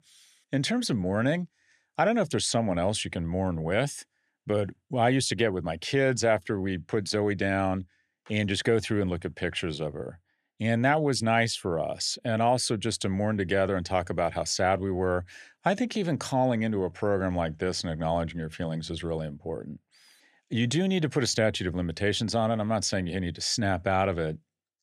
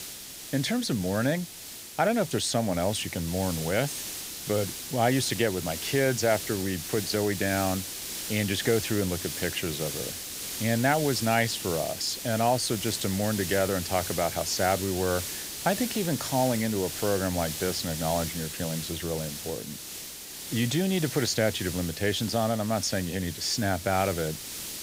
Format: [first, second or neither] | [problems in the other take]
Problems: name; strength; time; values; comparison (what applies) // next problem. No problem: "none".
first | hiss; loud; throughout; 6 dB below the speech